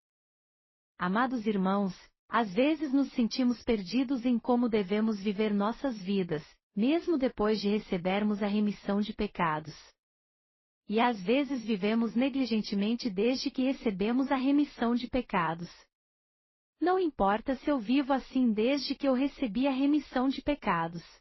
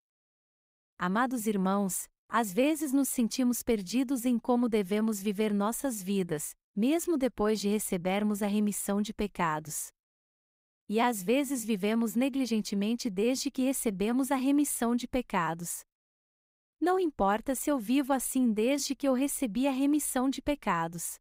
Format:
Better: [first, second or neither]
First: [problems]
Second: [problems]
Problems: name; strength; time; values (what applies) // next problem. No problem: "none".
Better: second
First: garbled, watery; slightly; nothing above 6 kHz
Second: none